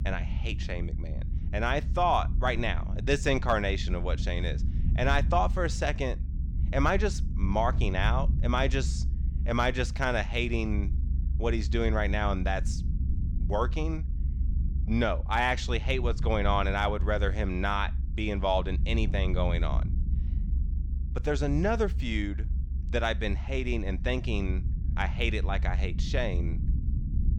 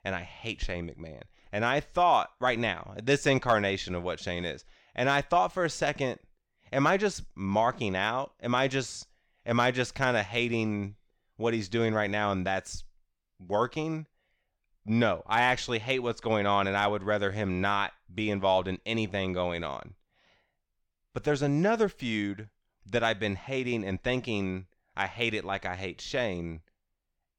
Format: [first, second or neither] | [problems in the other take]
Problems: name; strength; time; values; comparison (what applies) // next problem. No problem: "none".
second | low rumble; noticeable; throughout; 20 dB below the speech